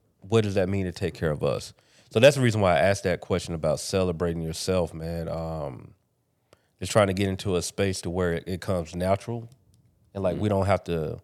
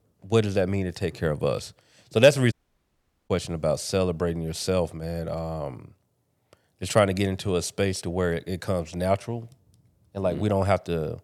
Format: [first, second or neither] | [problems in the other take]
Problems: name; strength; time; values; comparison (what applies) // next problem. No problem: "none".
first | audio cutting out; at 2.5 s for 1 s